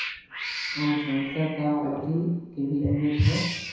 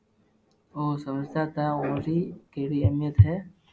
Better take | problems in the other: second | background sound (Cat); 9 dB below the speech // room echo; dies away in 1 s

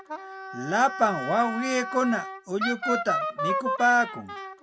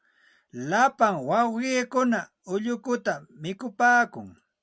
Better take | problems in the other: second | background sound (Wind instrument, woodwind instrument); 5 dB below the speech

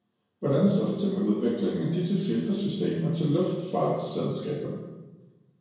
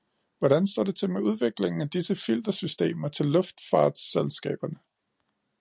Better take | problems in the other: second | room echo; dies away in 1 s

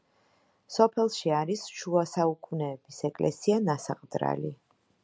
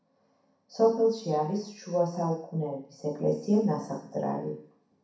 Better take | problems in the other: first | room echo; dies away in 0.6 s

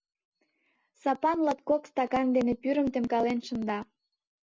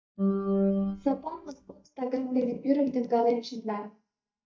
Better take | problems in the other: first | noise reduction (neural mask model DeepFilterNet 3)

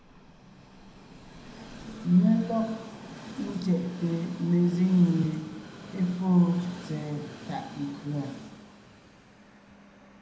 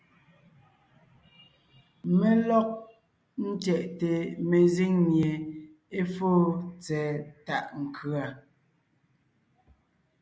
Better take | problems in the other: second | background sound (Train); 15 dB below the speech // room echo; dies away in 0.8 s

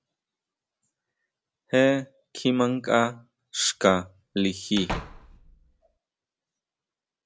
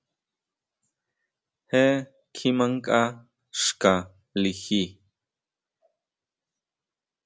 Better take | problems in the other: second | background sound (Slam / Wood); 11 dB below the speech

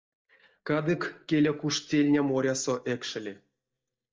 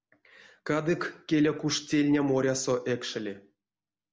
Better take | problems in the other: second | noise reduction (neural mask model DeepFilterNet 3)

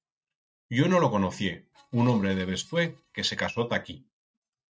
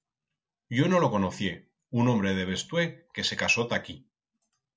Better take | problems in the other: second | noise reduction (neural mask model RNNoise)

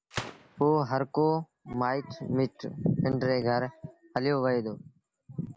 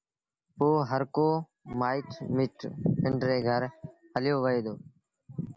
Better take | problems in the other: second | background sound (Gunshot, gunfire); 18 dB below the speech

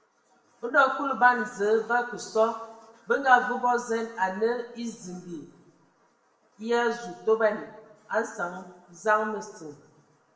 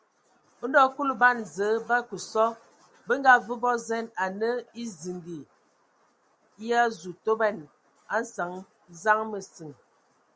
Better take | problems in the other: second | room echo; dies away in 1 s

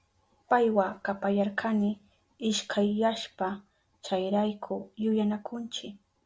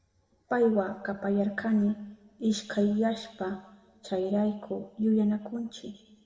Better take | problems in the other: first | room echo; dies away in 1.1 s

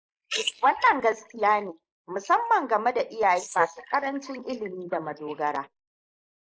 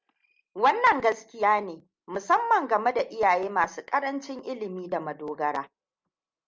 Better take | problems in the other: second | noise reduction (neural mask model Resemble Enhance denoiser)

